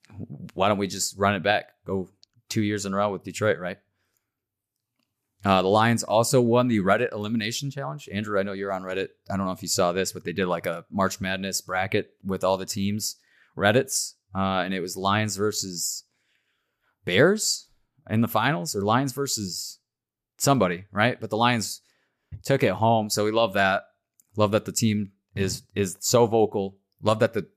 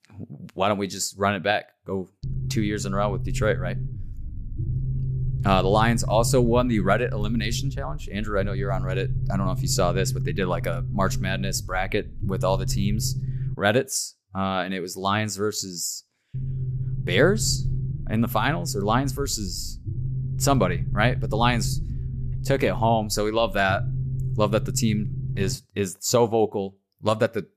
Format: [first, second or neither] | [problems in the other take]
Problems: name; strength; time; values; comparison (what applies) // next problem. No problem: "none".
first | low rumble; noticeable; from 2 to 14 s and from 16 to 26 s; 15 dB below the speech